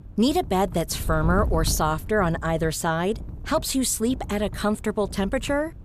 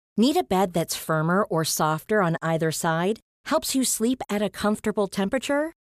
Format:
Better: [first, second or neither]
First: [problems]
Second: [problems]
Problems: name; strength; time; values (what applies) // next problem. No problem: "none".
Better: second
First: wind noise on the microphone; occasional gusts; 20 dB below the speech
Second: none